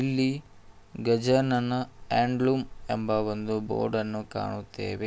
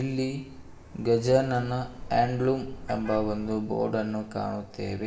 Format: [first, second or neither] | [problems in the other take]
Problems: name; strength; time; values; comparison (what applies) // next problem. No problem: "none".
first | background sound (Car passing by); 18 dB below the speech // room echo; dies away in 1.2 s